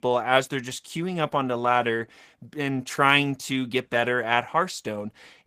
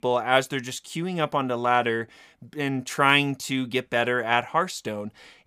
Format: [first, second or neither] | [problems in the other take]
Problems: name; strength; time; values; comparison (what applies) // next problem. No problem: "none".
second | garbled, watery; slightly; nothing above 15 kHz